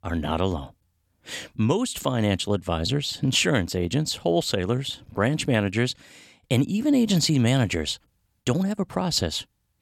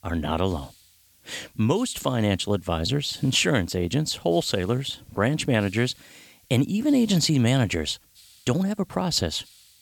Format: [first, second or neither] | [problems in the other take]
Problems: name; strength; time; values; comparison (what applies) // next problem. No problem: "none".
first | hiss; faint; throughout; 30 dB below the speech